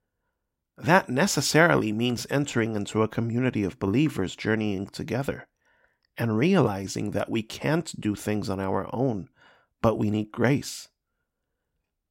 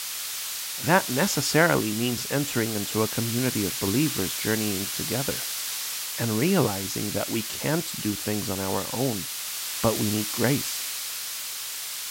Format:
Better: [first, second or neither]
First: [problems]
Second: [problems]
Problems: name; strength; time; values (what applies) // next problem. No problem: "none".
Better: first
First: none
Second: hiss; loud; throughout; 2 dB below the speech